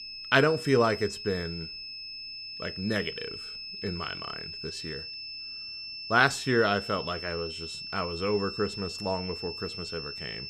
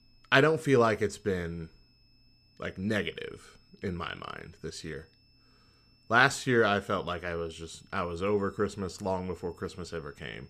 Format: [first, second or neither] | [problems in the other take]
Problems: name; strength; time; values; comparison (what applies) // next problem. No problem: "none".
second | high-pitched whine; loud; throughout; 5.5 kHz, 8 dB below the speech; faint in the second